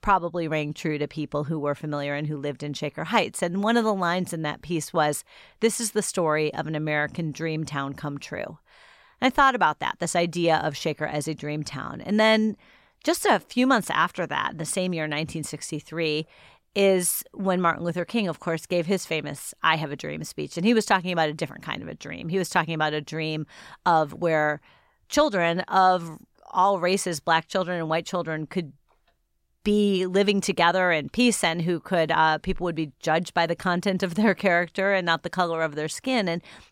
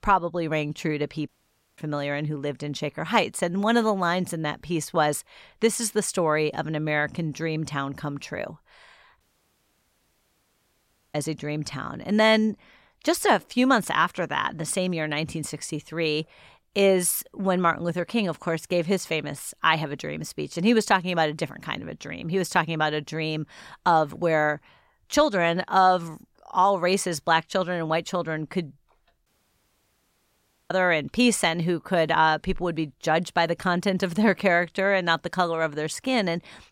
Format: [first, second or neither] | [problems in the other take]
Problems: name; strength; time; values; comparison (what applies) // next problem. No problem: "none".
first | audio cutting out; at 1.5 s for 0.5 s, at 9 s for 2 s and at 29 s for 1.5 s